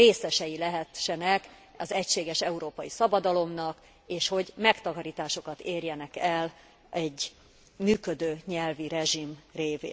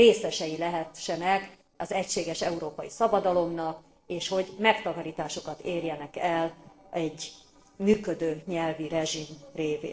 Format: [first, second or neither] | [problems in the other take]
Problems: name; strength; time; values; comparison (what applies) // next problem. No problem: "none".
first | noise reduction (neural separator model SepFormer DNS4)